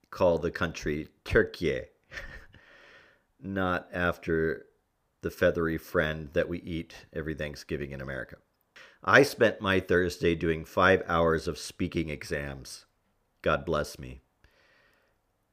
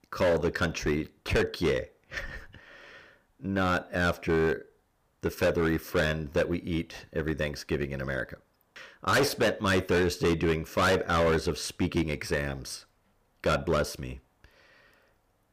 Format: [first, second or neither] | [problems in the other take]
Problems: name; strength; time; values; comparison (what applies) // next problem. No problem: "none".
first | distortion; heavy; 8% of the sound clipped